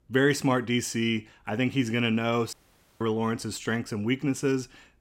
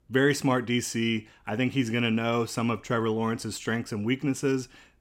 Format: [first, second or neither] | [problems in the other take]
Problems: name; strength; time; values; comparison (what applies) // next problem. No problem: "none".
second | audio cutting out; at 2.5 s